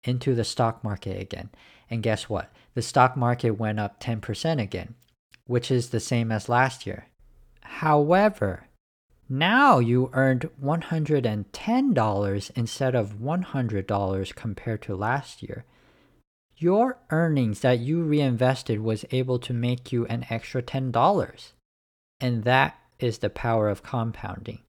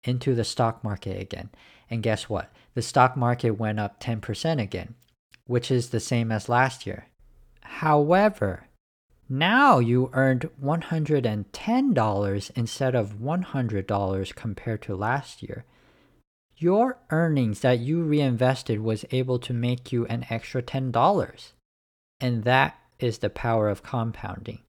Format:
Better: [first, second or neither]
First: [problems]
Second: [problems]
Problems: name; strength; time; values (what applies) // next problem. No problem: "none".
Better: neither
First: none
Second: none